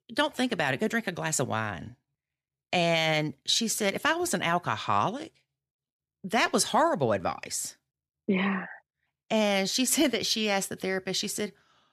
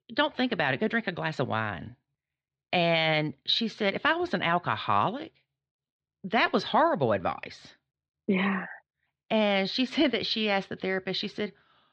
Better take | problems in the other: first | muffled; slightly; fading above 4 kHz

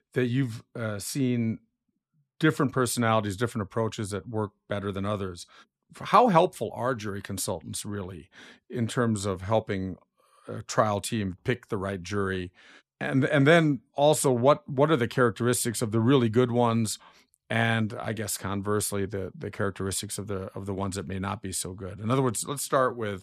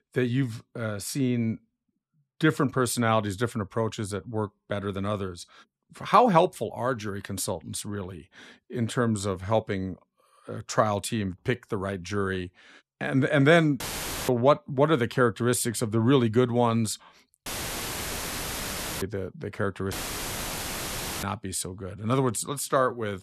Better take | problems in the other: first | audio cutting out; filled with static; at 14 s, at 17 s for 1.5 s and at 20 s for 1.5 s

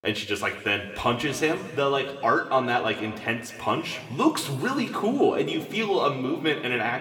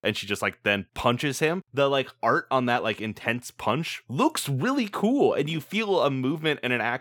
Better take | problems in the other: second | room echo; slight; dies away in 2 s

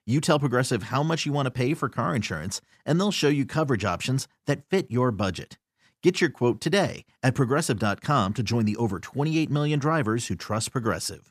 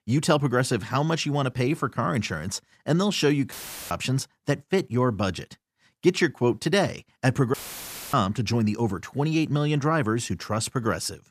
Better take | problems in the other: first | audio cutting out; filled with static; at 3.5 s and at 7.5 s for 0.5 s

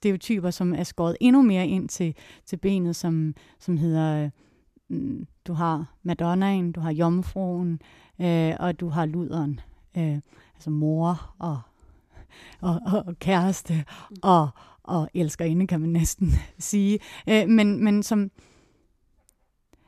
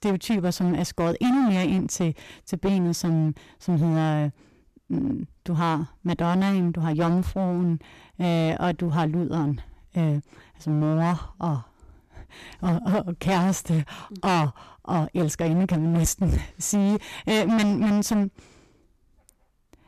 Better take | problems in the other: first | distortion; heavy; 17% of the sound clipped

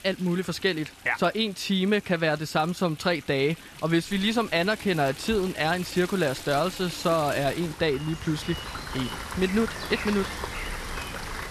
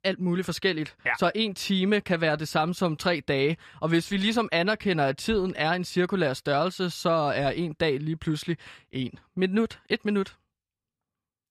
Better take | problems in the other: second | rain or running water; noticeable; throughout; 10 dB below the speech

